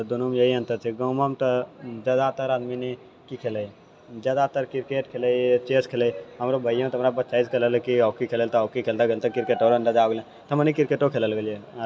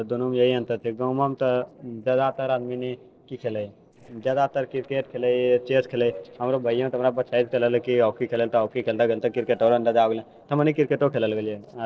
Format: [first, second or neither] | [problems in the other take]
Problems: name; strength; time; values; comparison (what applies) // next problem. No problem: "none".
first | noise reduction (neural separator model SepFormer DNS4)